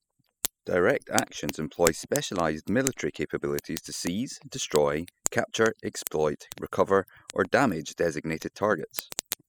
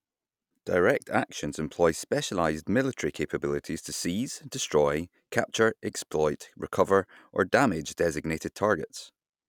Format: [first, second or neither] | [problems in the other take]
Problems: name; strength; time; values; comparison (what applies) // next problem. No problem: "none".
second | noise reduction (classical method spectral subtraction)